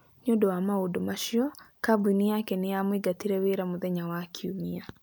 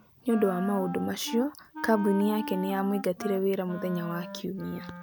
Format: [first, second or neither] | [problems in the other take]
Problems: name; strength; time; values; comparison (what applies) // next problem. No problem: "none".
first | background sound (Wind instrument, woodwind instrument); 10 dB below the speech